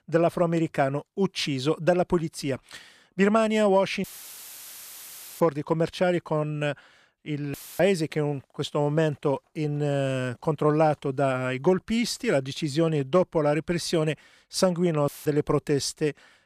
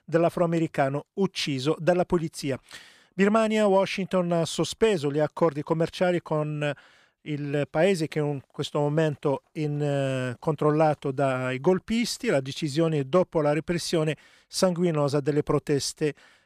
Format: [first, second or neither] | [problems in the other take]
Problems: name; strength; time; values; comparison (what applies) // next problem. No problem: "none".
second | audio cutting out; filled with static; at 4 s for 1.5 s, at 7.5 s and at 15 s